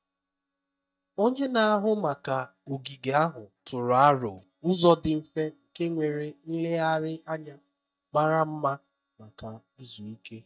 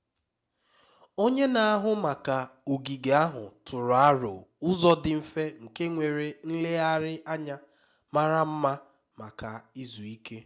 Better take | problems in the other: second | noise reduction (neural mask model DeepFilterNet 3)

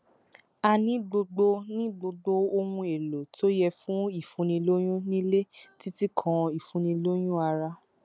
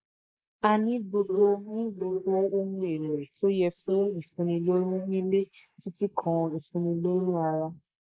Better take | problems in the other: first | noise reduction (neural mask model Resemble Enhance denoiser)

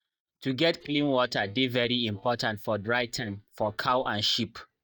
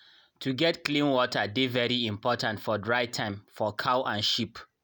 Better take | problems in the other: second | noise reduction (neural mask model DeepFilterNet 3)

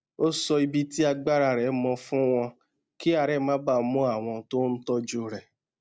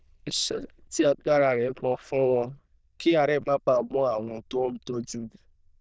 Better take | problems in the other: first | noise reduction (neural diffusion model UNIVERSE++)

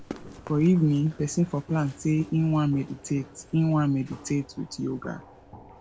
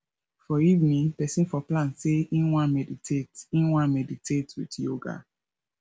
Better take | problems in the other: second | background sound (Run + Walk, footsteps); 19 dB below the speech

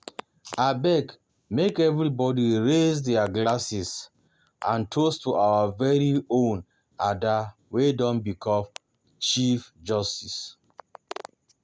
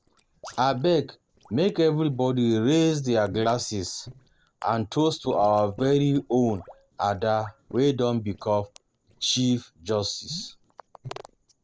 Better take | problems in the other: first | noise reduction (neural separator model SepFormer DNS4)

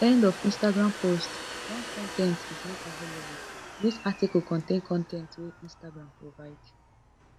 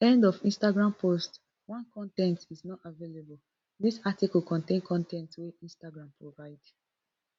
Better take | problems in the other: second | background sound (Domestic sounds, home sounds); 12 dB below the speech

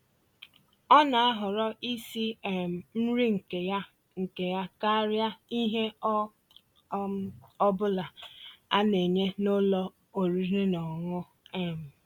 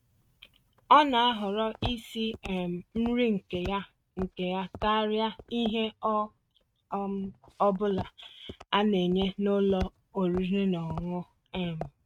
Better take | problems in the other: first | noise reduction (neural mask model RNNoise)

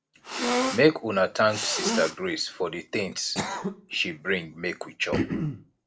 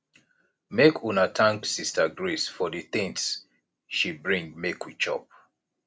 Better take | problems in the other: second | background sound (Cough); 4 dB below the speech

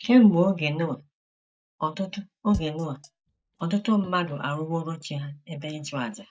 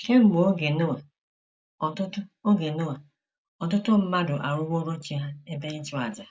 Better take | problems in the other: second | noise reduction (neural mask model DeepFilterNet 3)

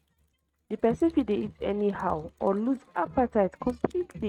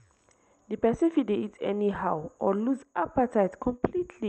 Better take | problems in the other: second | noise reduction (neural mask model RNNoise)

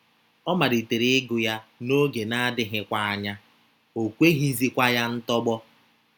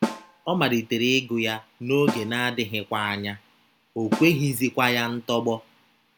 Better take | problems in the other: first | background sound (Snare drum); 10 dB below the speech

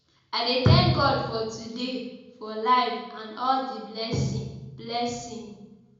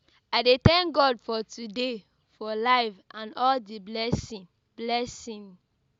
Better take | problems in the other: second | room echo; dies away in 0.9 s

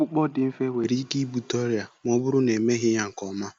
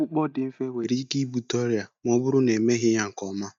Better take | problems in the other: first | noise reduction (neural mask model DeepFilterNet 3)

